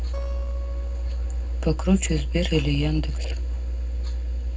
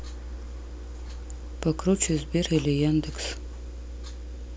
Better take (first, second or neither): second